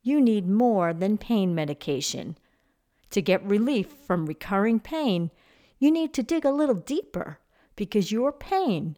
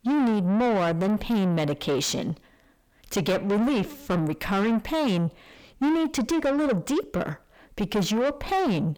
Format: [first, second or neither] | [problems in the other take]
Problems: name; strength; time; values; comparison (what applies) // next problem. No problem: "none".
first | distortion; heavy; 6 dB below the speech